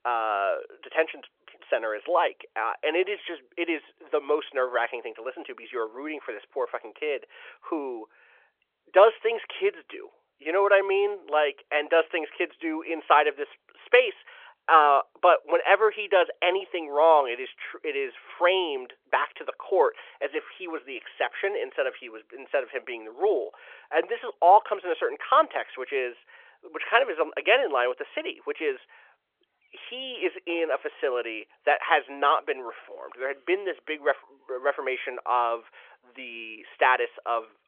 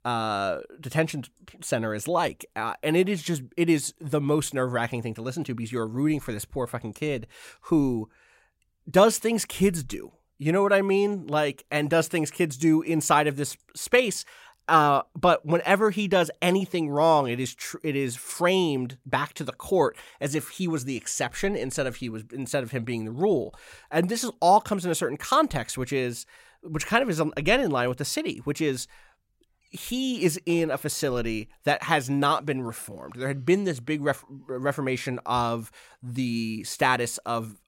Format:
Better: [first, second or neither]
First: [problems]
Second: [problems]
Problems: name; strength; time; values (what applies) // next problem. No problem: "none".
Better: second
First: phone-call audio; nothing above 3.5 kHz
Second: none